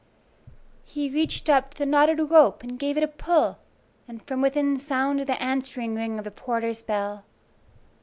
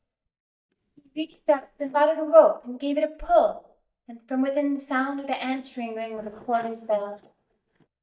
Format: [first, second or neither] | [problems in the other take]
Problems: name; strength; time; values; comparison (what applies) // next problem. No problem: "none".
first | noise reduction (neural mask model DeepFilterNet 3)